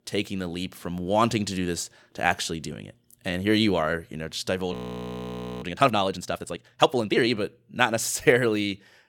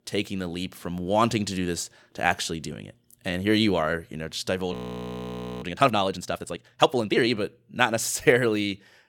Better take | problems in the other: neither | audio freezing; at 4.5 s for 1 s; the same in both

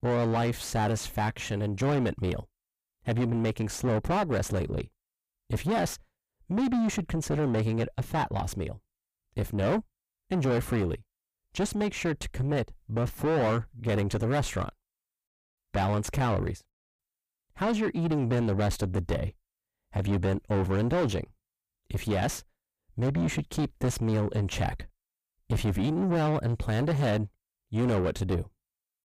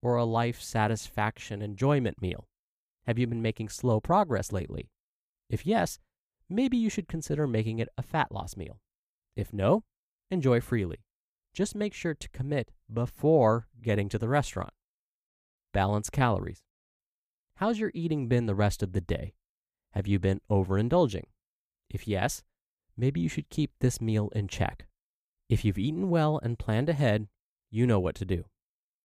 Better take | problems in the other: second | distortion; heavy; 5 dB below the speech

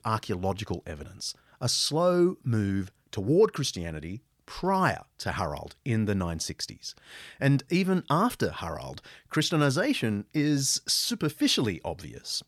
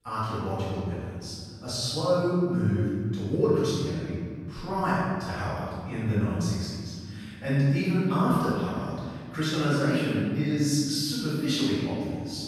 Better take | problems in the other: first | room echo; strong; dies away in 2.4 s // off-mic speech; far

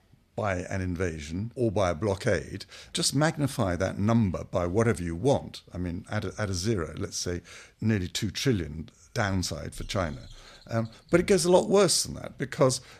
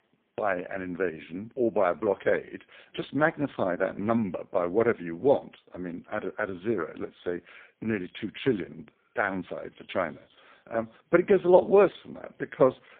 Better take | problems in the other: first | phone-call audio; poor line; nothing above 3.5 kHz

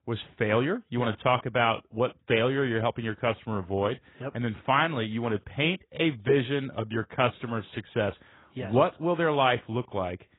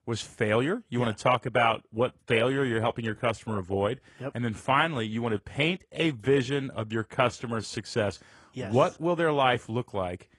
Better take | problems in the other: second | garbled, watery; badly; nothing above 3.5 kHz; slightly in the second

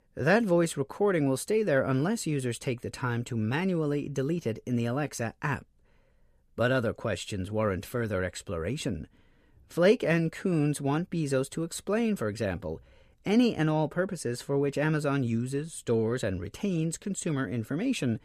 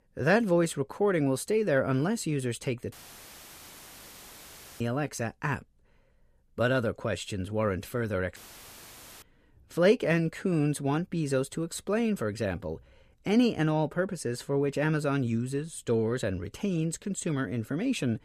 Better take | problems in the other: first | audio cutting out; filled with static; at 3 s for 2 s and at 8.5 s for 1 s

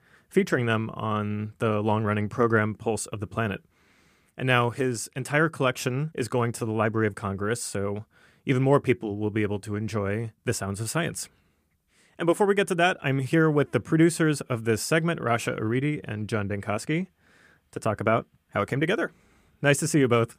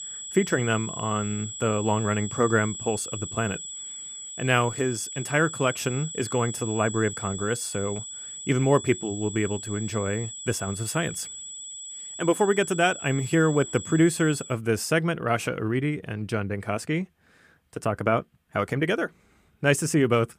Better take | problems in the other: first | high-pitched whine; loud; until 14 s; 8 kHz, 9 dB below the speech

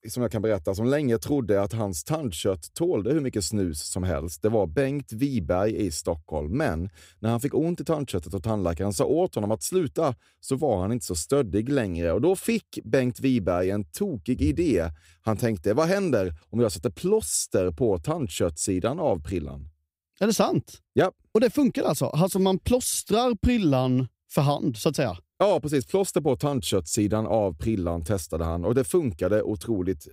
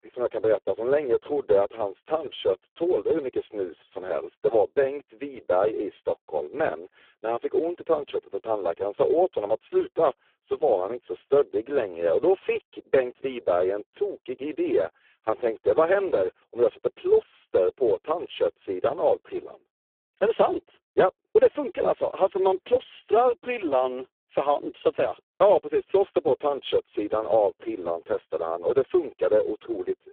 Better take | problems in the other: first | phone-call audio; poor line

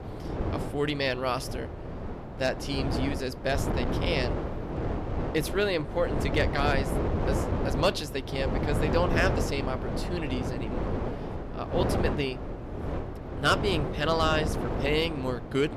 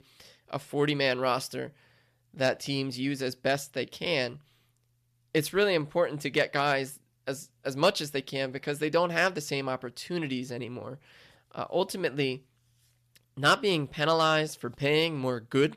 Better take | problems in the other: second | wind noise on the microphone; heavy; 5 dB below the speech

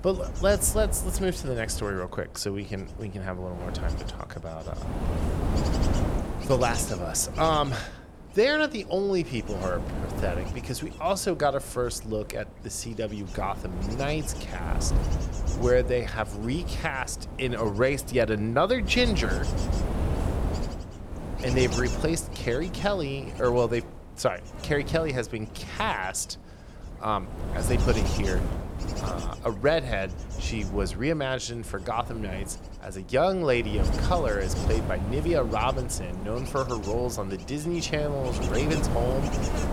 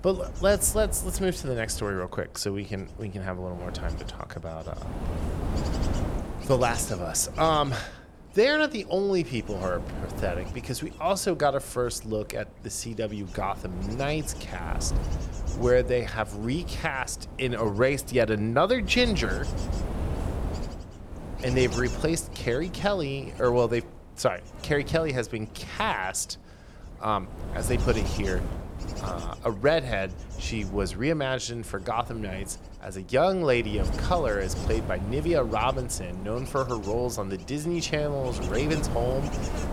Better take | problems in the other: second | wind noise on the microphone; heavy; 10 dB below the speech; occasional gusts in the second

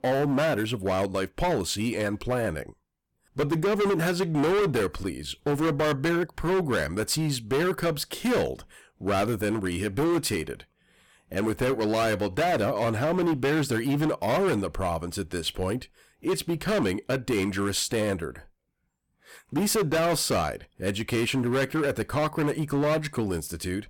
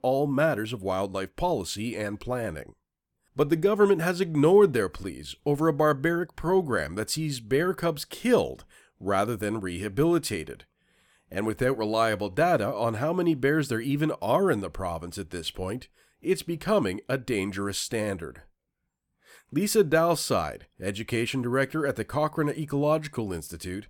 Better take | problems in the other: second | distortion; heavy; 16% of the sound clipped

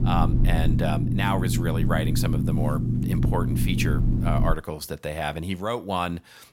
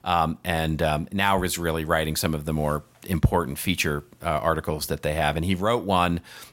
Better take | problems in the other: second | low rumble; loud; until 4.5 s; 5 dB below the speech

